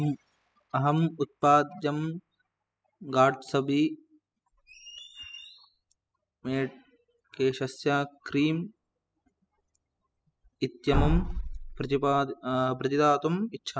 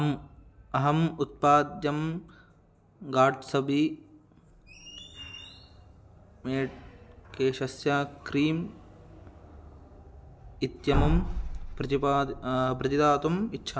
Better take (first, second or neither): second